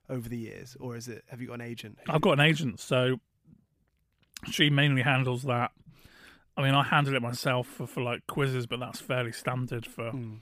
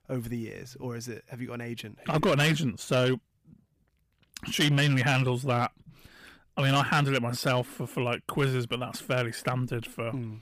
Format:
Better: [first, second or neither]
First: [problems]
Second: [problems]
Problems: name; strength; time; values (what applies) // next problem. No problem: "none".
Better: first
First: none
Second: distortion; slight; 4% of the sound clipped